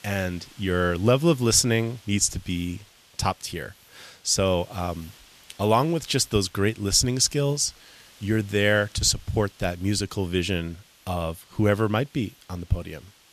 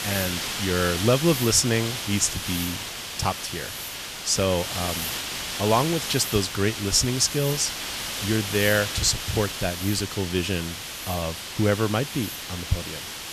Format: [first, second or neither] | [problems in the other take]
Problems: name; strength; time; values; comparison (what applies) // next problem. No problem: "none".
first | hiss; loud; throughout; 5 dB below the speech; faint in the first